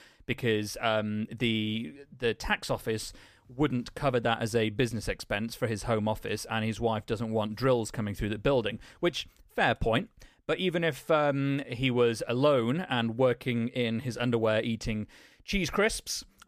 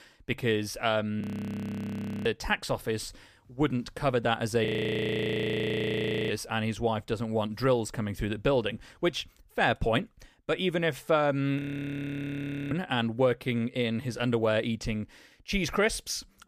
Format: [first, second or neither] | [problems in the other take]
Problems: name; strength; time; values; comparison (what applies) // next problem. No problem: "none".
first | audio freezing; at 1 s for 1 s, at 4.5 s for 1.5 s and at 12 s for 1 s